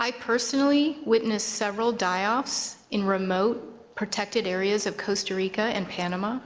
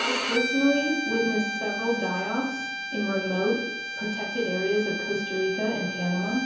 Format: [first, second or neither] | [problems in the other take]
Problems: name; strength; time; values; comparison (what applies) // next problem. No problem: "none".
first | background sound (Bowed string instrument); 4 dB below the speech // room echo; dies away in 0.7 s